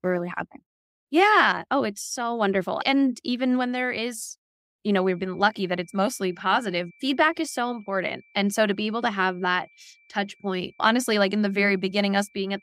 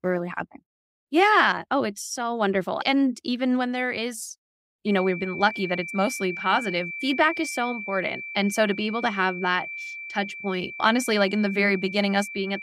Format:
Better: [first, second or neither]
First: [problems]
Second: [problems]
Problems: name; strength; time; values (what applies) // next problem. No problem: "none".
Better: first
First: high-pitched whine; faint; from 5 s on; 2.5 kHz, 30 dB below the speech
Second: high-pitched whine; loud; from 5 s on; 2.5 kHz, 9 dB below the speech